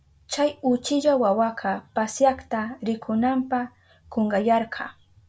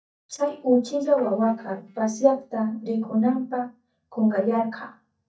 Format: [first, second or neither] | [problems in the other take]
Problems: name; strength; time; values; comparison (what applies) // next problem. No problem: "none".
first | noise reduction (neural mask model DeepFilterNet 3)